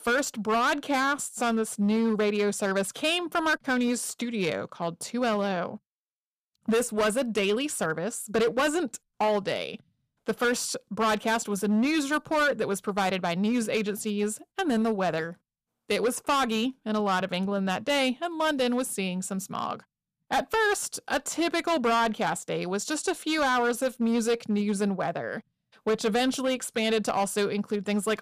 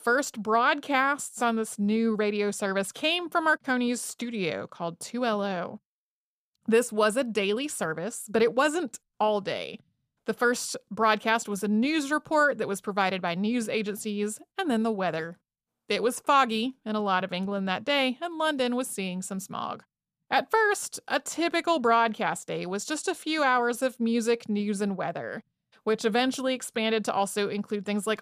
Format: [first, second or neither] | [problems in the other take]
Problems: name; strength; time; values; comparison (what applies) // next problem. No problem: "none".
second | distortion; slight; 8% of the sound clipped